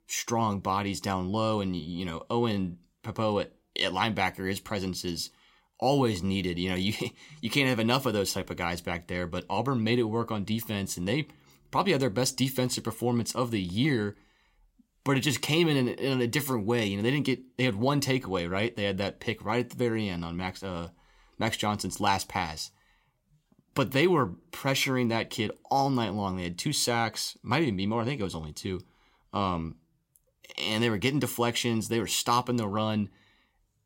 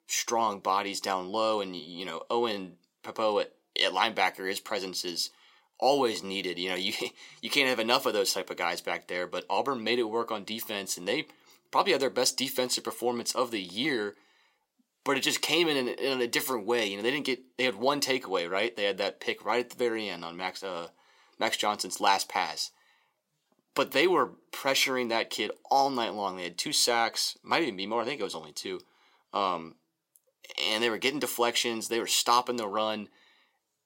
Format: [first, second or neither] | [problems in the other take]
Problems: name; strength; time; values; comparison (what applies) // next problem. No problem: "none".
first | thin; somewhat; fading below 450 Hz